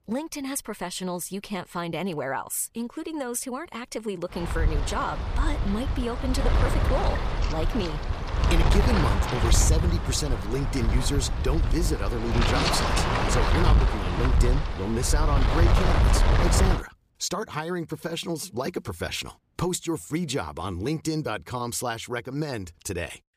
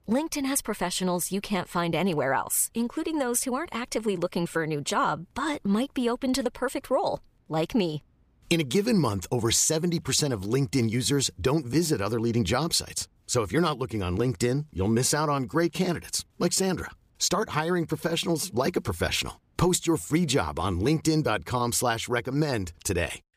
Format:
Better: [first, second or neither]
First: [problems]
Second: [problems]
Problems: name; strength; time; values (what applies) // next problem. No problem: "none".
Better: second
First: wind noise on the microphone; heavy; from 4.5 to 17 s; 1 dB above the speech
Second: none